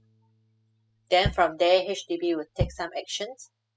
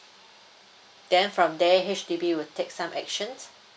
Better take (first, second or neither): second